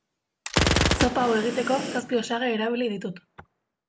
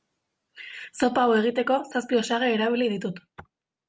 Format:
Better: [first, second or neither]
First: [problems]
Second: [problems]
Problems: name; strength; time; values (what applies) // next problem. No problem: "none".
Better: second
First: background sound (Breathing + Gunshot, gunfire); 1 dB below the speech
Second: none